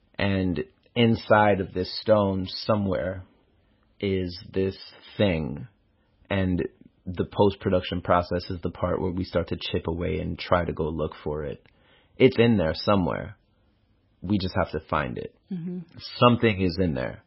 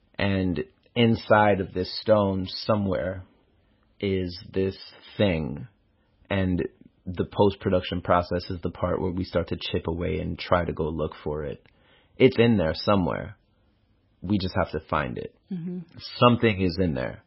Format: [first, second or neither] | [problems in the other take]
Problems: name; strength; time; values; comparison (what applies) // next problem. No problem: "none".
neither | garbled, watery; badly; nothing above 5.5 kHz; the same in both